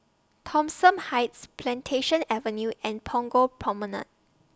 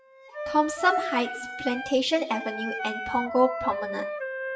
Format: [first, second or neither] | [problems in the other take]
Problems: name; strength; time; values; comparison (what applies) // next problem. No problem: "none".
first | noise reduction (classical method WPE with log-MMSE)